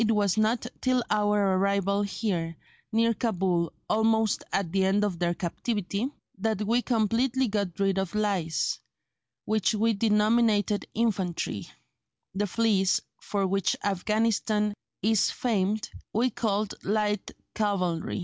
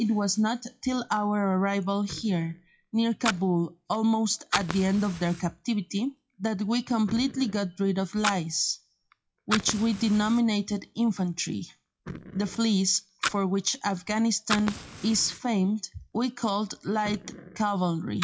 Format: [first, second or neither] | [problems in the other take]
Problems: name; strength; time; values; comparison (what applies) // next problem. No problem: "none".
first | noise reduction (classical method WPE with log-MMSE)